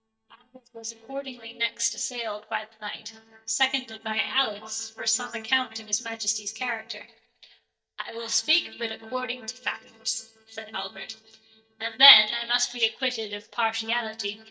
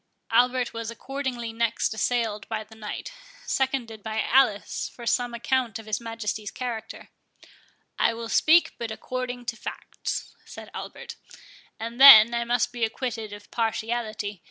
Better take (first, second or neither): second